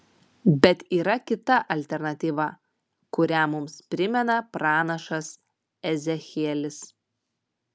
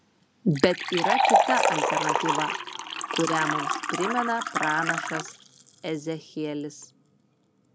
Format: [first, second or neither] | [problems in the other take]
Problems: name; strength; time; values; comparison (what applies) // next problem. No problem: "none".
first | background sound (Liquid); 2 dB above the speech